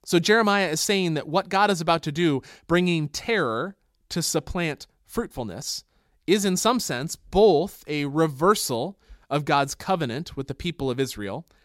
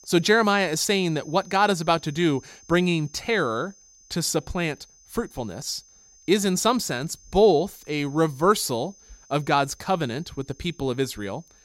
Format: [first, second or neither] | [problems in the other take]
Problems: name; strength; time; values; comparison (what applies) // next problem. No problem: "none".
first | high-pitched whine; faint; throughout; 6 kHz, 25 dB below the speech